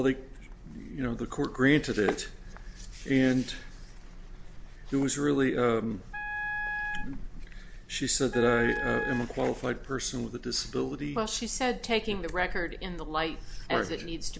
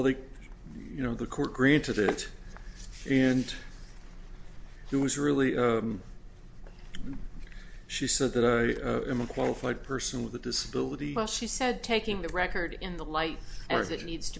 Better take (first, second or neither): second